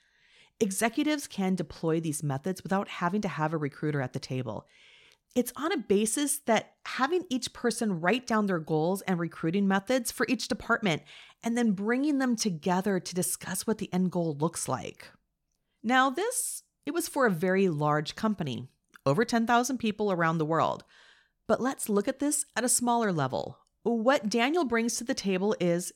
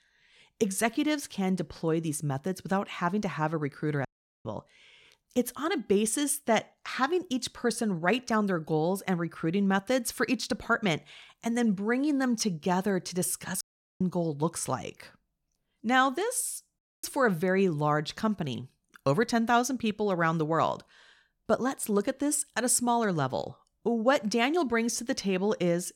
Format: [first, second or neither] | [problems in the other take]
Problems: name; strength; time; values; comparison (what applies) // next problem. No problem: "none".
first | audio cutting out; at 4 s, at 14 s and at 17 s